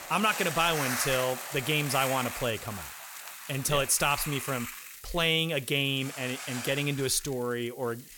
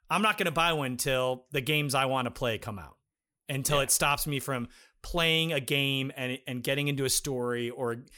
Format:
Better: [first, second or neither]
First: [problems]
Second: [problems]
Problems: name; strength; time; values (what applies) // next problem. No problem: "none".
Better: second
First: hiss; loud; throughout; 8 dB below the speech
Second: none